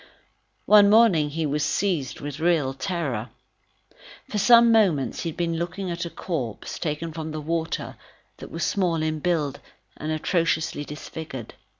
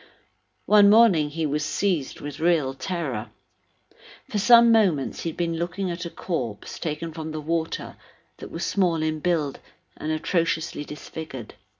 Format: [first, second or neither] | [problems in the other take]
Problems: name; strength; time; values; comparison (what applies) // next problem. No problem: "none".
first | room echo; dies away in 0.3 s